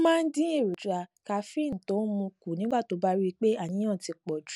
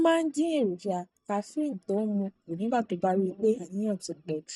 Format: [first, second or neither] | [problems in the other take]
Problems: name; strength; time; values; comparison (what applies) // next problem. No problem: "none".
first | noise reduction (neural mask model DeepFilterNet 3)